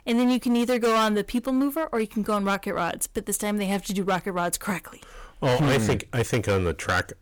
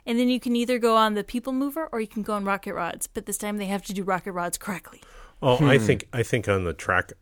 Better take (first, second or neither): second